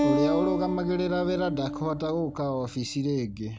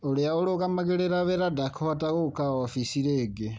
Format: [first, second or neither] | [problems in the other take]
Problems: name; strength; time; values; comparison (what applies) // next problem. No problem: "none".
second | background sound (Acoustic guitar); 2 dB below the speech